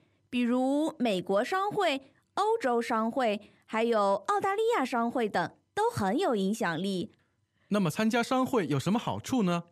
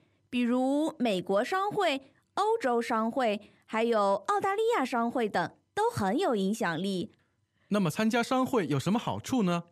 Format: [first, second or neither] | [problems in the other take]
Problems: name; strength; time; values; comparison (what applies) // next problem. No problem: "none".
neither | none